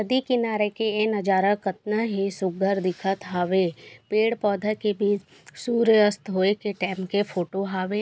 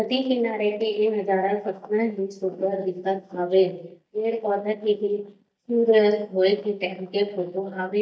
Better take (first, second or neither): first